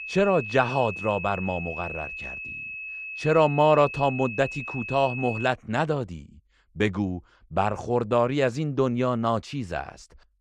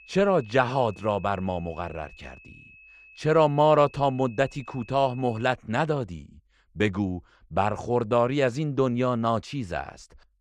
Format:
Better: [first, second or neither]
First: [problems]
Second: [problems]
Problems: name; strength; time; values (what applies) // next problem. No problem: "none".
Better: second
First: high-pitched whine; loud; until 5.5 s; 2.5 kHz, 8 dB below the speech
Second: high-pitched whine; faint; until 5.5 s; 2.5 kHz, 25 dB below the speech